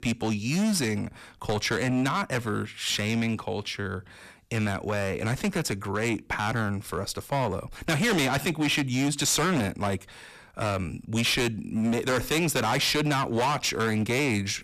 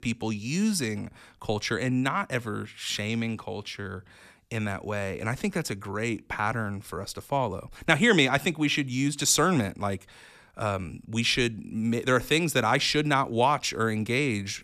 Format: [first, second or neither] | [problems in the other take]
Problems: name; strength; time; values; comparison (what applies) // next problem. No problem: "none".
second | distortion; heavy; 16% of the sound clipped